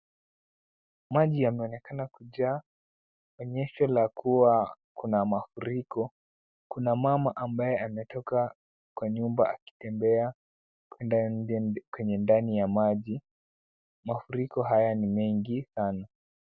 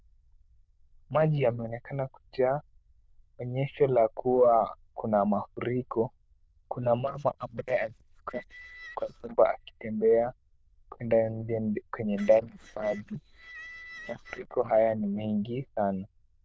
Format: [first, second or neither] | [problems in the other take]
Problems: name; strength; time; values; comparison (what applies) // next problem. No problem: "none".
first | noise reduction (neural diffusion model UNIVERSE++)